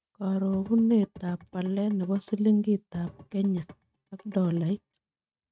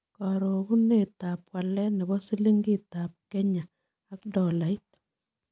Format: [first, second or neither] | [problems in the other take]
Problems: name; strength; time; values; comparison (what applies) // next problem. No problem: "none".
second | noise reduction (neural mask model RNNoise)